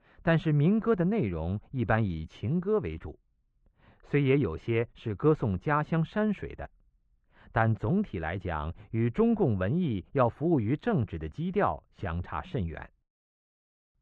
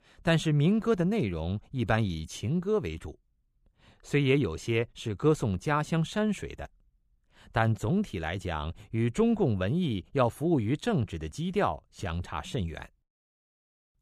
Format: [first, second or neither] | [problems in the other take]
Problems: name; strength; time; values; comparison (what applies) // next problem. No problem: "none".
second | muffled; very; fading above 1.5 kHz